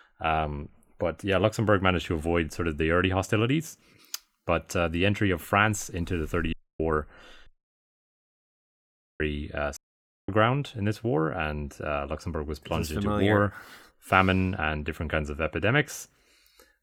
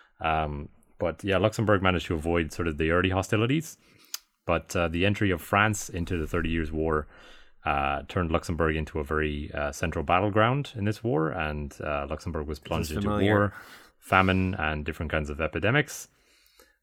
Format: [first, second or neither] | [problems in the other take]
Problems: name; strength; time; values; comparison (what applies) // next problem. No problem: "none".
second | audio cutting out; at 6.5 s, at 7.5 s for 1.5 s and at 10 s for 0.5 s